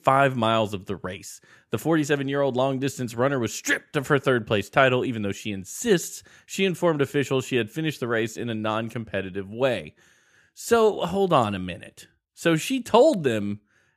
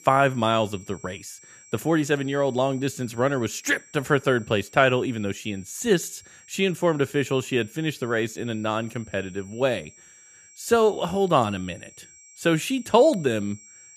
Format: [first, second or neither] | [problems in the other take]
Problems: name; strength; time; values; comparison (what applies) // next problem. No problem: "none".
first | high-pitched whine; faint; throughout; 7.5 kHz, 25 dB below the speech